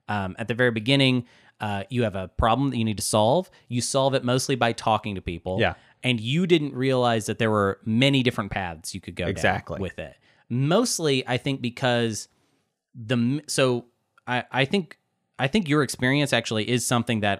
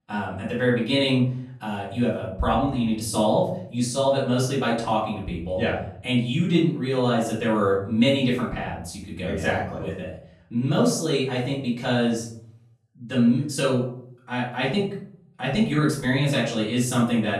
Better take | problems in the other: first | off-mic speech; far // room echo; noticeable; dies away in 0.5 s

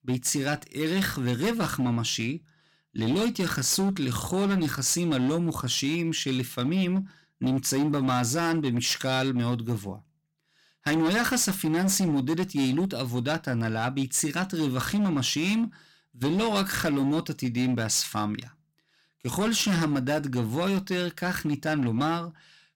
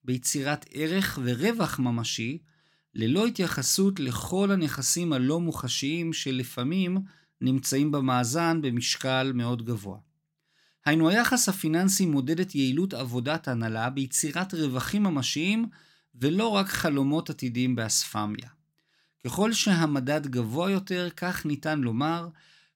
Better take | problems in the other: second | distortion; slight; 12% of the sound clipped

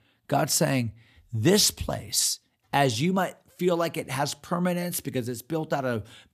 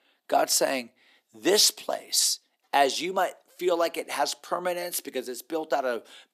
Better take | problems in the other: first | thin; very; fading below 300 Hz

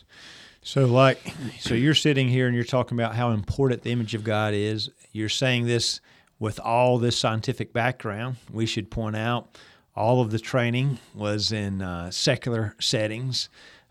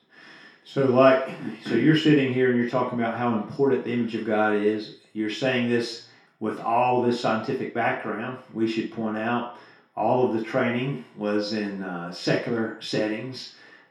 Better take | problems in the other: first | room echo; noticeable; dies away in 0.5 s // off-mic speech; far

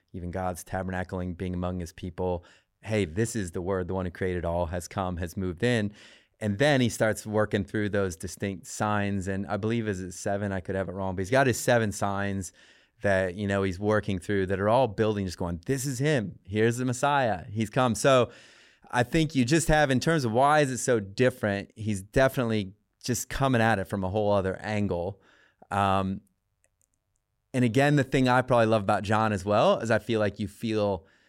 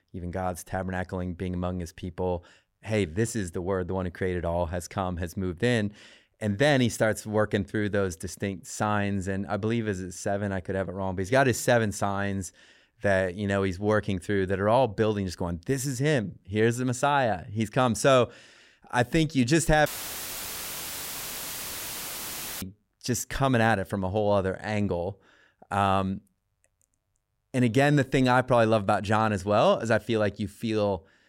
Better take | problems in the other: first | audio cutting out; filled with static; at 20 s for 3 s

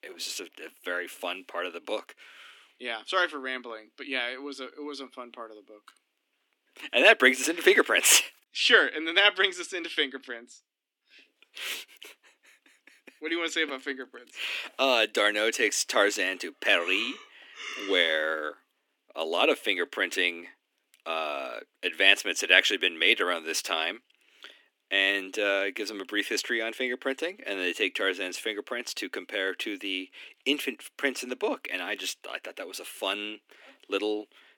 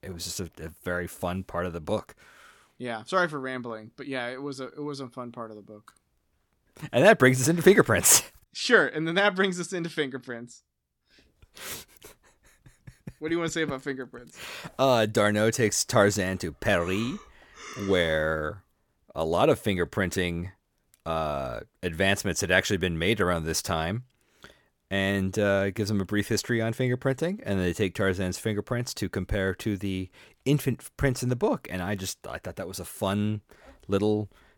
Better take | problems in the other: second | thin; somewhat; fading below 250 Hz

